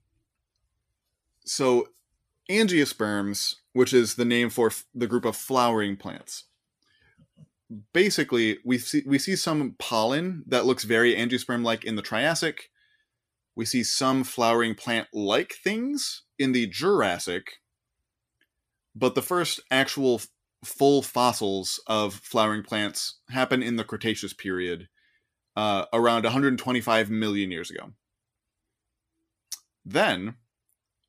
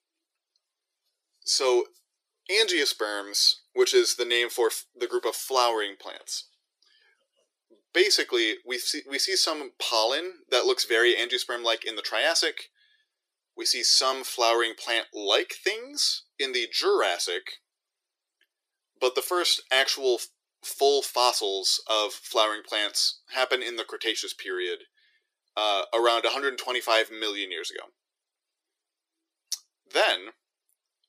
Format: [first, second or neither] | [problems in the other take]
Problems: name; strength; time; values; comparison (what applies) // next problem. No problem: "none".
first | thin; very; fading below 350 Hz